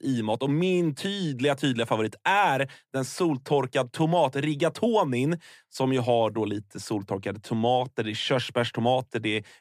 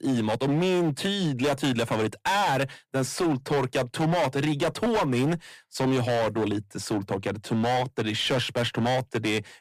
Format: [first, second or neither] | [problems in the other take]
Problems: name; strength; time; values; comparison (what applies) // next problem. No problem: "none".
first | distortion; heavy; 21% of the sound clipped